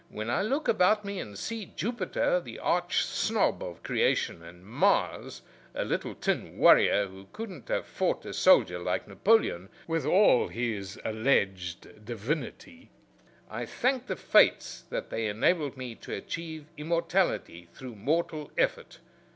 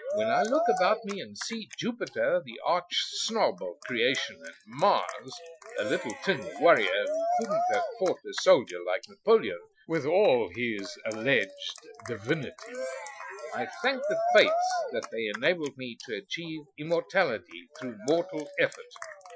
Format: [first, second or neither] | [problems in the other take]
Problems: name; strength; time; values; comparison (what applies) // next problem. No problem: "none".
first | noise reduction (classical method Wiener filter)